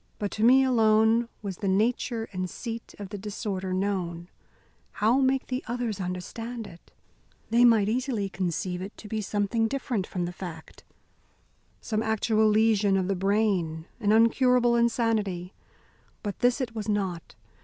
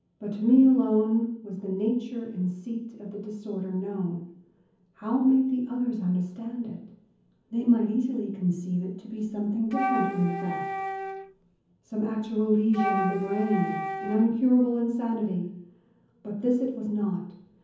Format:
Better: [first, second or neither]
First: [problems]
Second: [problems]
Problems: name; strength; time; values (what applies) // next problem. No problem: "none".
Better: first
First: none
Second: background sound (Wind instrument, woodwind instrument); 6 dB below the speech // room echo; dies away in 0.7 s